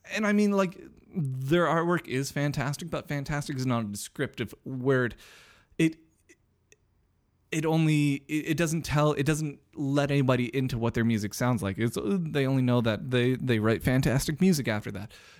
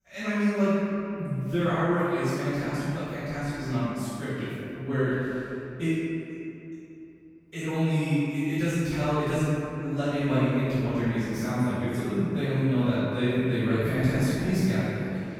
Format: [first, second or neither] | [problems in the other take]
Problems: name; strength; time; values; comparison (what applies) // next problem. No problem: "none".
first | off-mic speech; far // room echo; strong; dies away in 2.6 s